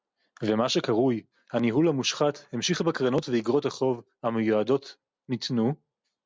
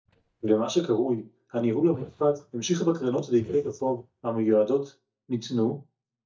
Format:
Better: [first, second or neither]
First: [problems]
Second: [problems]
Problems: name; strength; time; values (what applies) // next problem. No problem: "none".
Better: first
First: none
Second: noise reduction (neural mask model DeepFilterNet 3)